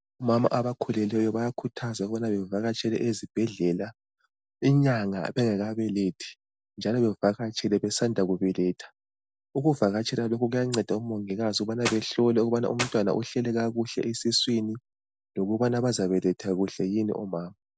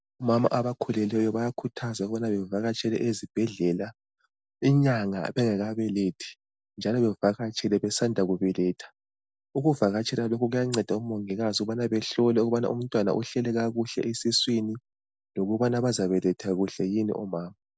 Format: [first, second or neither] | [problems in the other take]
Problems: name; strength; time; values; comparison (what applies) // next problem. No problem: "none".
second | background sound (Clapping); 7 dB below the speech